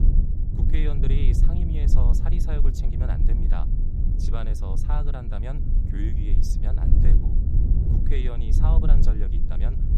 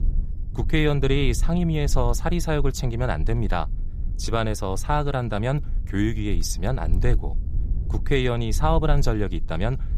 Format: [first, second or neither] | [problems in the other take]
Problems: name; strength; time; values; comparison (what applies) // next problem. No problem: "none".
second | low rumble; loud; throughout; 1 dB below the speech; faint in the second